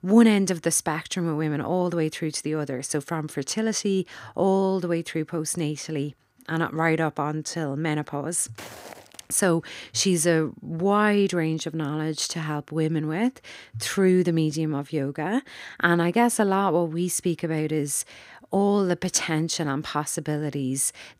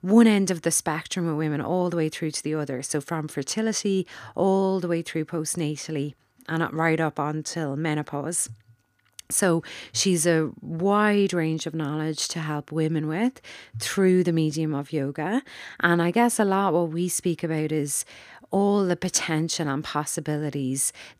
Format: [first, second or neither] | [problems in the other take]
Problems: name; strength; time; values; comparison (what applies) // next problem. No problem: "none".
second | footsteps; faint; at 8.5 s; peak 15 dB below the speech